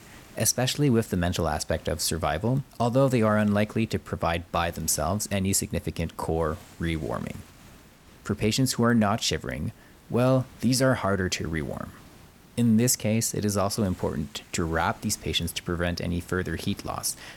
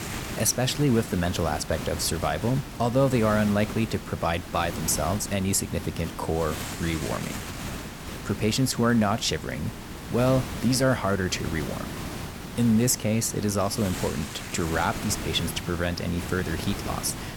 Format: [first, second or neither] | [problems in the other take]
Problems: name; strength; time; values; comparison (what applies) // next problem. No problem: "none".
first | hiss; loud; throughout; 9 dB below the speech; faint in the first